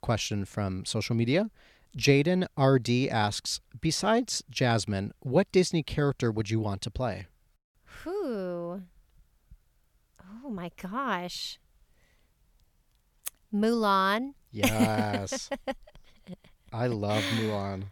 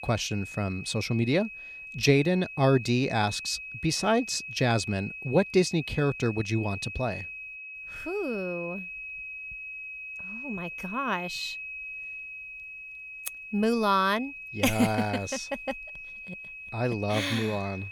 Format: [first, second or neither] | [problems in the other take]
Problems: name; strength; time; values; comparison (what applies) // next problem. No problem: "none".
first | high-pitched whine; loud; throughout; 2.5 kHz, 10 dB below the speech